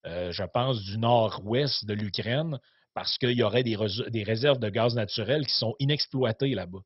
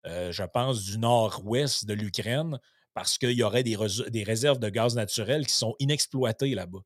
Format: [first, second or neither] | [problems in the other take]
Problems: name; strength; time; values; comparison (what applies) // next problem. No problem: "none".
second | garbled, watery; badly; nothing above 5.5 kHz